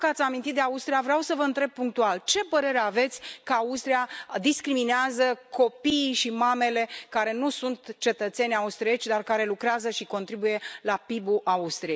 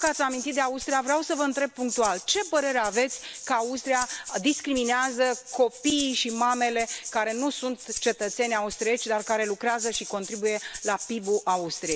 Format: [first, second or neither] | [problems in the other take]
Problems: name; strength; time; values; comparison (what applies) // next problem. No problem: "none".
first | background sound (Rattle (instrument)); 11 dB below the speech